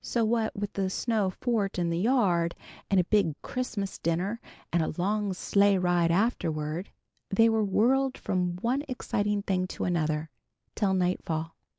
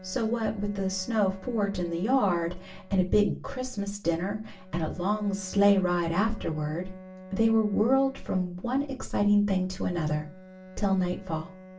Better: first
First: none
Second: background sound (Bowed string instrument); 20 dB below the speech // room echo; dies away in 0.3 s

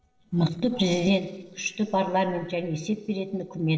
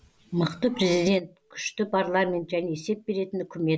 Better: second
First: noise reduction (neural separator model SepFormer DNS4)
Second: none

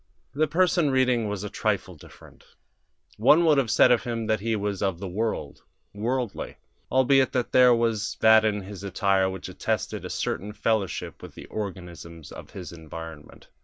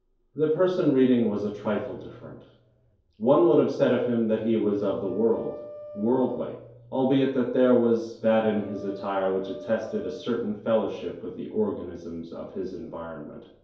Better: first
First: none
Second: background sound (Wind instrument, woodwind instrument); 18 dB below the speech // room echo; dies away in 2.4 s

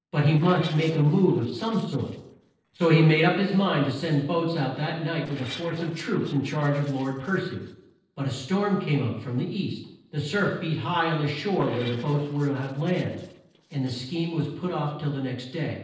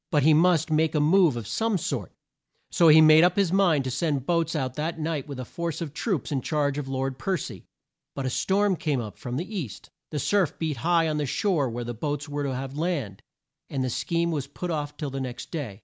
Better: second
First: noise reduction (neural separator model SepFormer DNS4)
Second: none

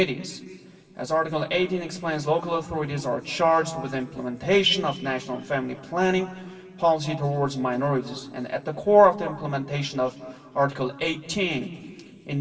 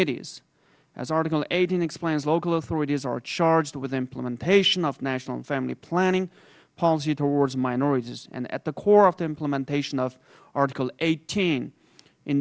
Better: second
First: room echo; dies away in 2.6 s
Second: none

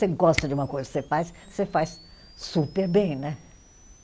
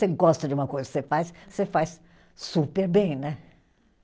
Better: second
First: background sound (Camera); 15 dB below the speech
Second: none

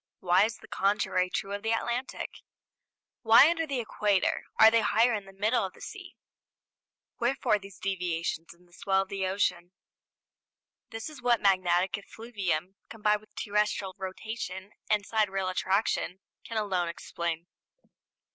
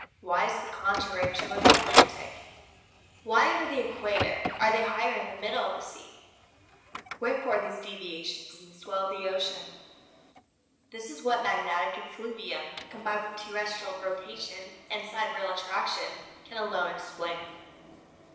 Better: first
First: none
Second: background sound (Printer); 1 dB below the speech // room echo; dies away in 1 s

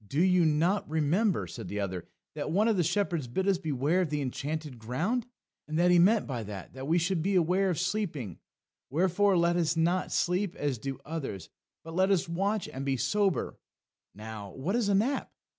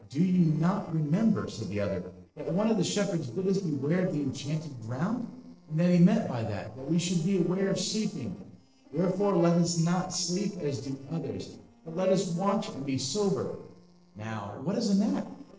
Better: first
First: none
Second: noise reduction (neural separator model SepFormer DNS4)

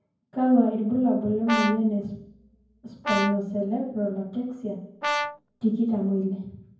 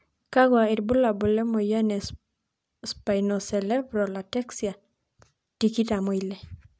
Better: second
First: background sound (Brass instrument); 5 dB below the speech // room echo; dies away in 0.9 s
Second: none

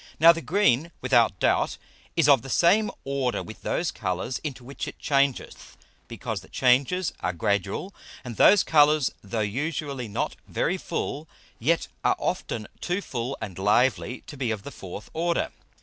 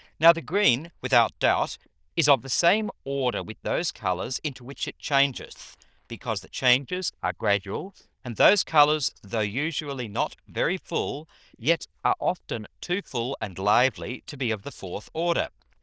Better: first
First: none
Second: noise reduction (neural diffusion model UNIVERSE++)

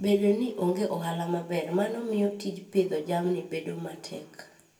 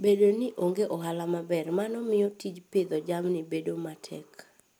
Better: second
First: room echo; dies away in 0.6 s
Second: none

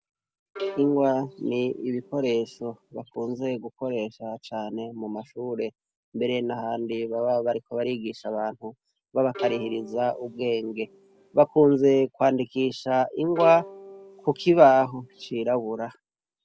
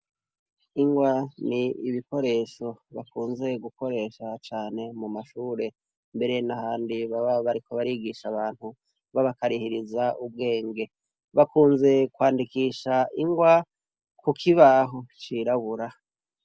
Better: second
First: background sound (Bowed string instrument); 15 dB below the speech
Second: none

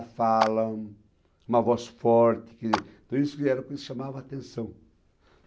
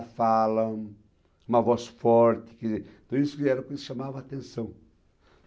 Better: second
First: background sound (Clapping); 9 dB below the speech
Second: none

